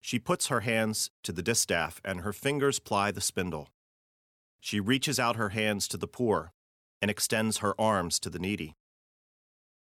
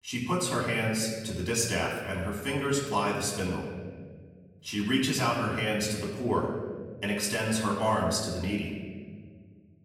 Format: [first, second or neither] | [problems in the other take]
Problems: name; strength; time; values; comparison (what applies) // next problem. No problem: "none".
first | off-mic speech; far // room echo; noticeable; dies away in 1.7 s